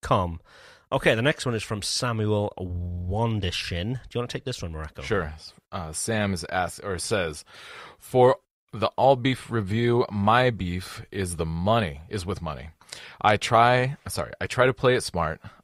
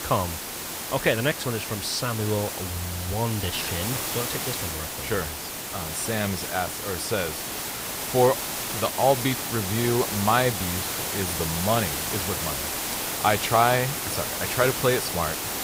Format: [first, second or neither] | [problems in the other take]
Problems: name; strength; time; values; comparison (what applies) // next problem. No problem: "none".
first | hiss; loud; throughout; 2 dB below the speech